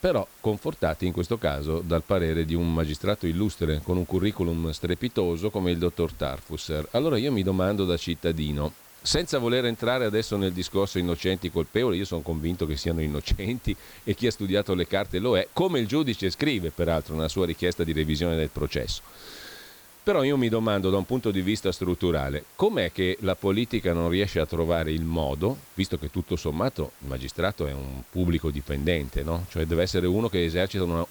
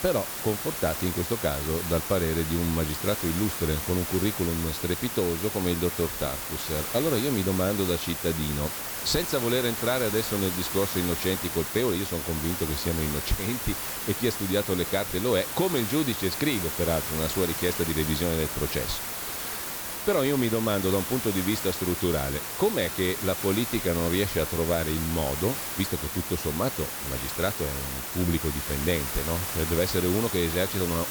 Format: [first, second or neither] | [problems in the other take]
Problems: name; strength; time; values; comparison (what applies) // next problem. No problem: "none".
first | hiss; loud; throughout; 2 dB below the speech; faint in the first